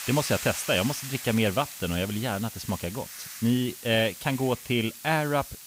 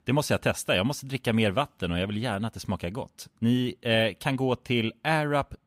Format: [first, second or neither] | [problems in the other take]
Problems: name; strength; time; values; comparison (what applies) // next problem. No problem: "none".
second | hiss; loud; throughout; 10 dB below the speech